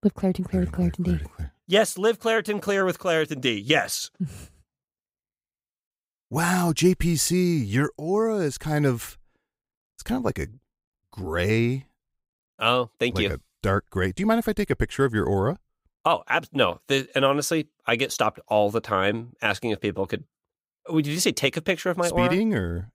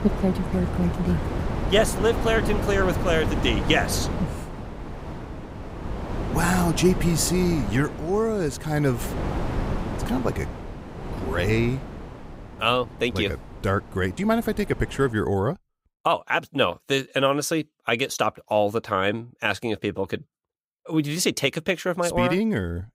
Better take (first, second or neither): first